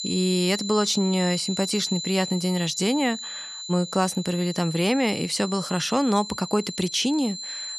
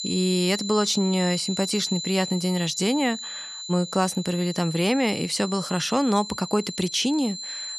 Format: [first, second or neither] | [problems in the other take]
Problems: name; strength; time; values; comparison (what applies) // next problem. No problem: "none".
neither | high-pitched whine; loud; throughout; 4 kHz, 8 dB below the speech; the same in both